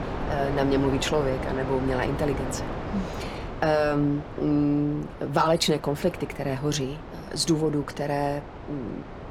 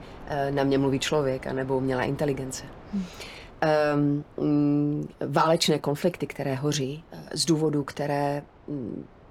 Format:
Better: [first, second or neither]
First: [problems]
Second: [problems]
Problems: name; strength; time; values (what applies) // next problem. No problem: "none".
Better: second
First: wind noise on the microphone; heavy; 10 dB below the speech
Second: wind noise on the microphone; occasional gusts; 20 dB below the speech